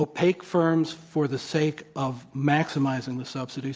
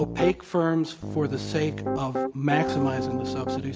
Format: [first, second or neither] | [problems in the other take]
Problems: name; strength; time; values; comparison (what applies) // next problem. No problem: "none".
first | background sound (Piano); 3 dB below the speech